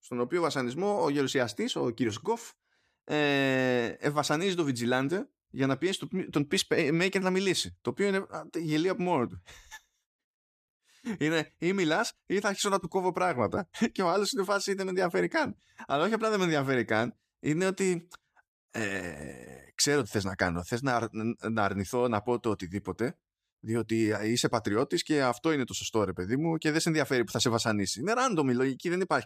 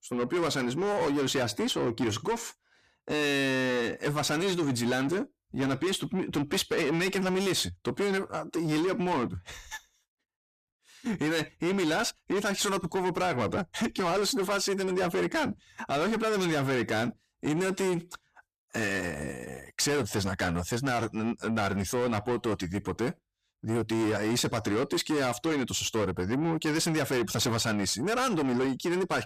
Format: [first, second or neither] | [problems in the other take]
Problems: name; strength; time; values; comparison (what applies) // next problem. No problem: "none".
first | distortion; heavy; 7 dB below the speech